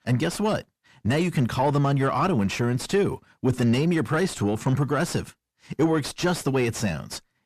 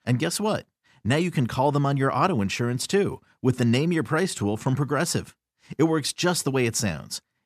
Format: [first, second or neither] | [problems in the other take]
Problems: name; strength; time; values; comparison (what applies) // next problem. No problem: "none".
second | distortion; slight; 10 dB below the speech